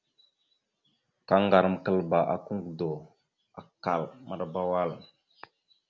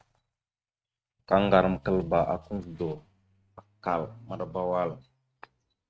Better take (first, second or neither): first